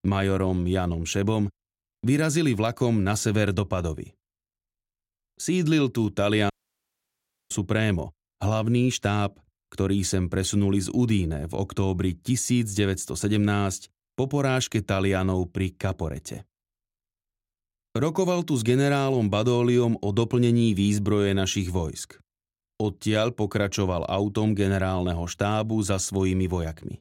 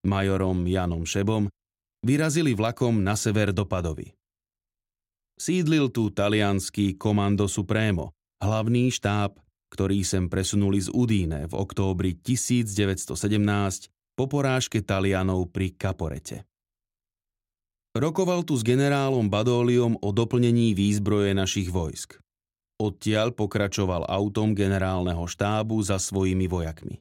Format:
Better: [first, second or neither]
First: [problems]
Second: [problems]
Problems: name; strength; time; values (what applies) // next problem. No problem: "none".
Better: second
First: audio cutting out; at 6.5 s for 1 s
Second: none